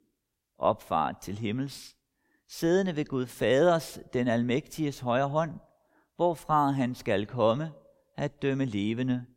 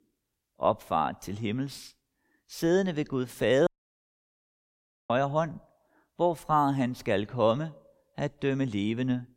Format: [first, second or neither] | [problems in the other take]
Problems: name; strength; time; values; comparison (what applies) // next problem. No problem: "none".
first | audio cutting out; at 3.5 s for 1.5 s